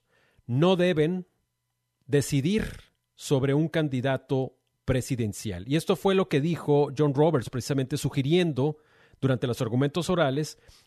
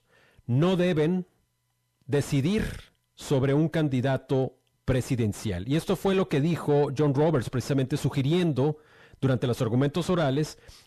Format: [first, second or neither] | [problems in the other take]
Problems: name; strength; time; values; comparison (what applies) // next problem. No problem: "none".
first | distortion; slight; 10 dB below the speech